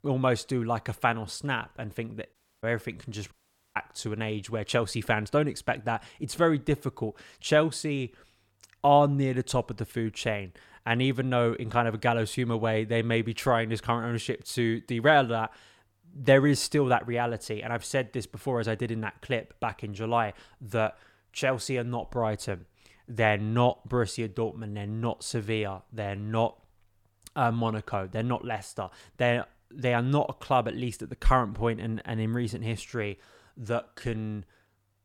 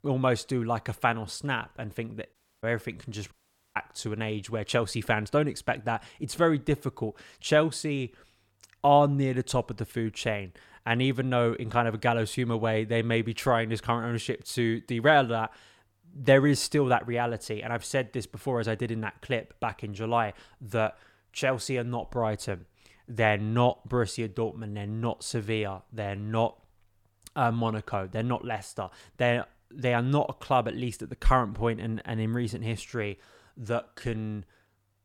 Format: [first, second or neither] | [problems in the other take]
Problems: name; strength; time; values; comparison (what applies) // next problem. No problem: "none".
neither | audio cutting out; at 2.5 s and at 3.5 s; the same in both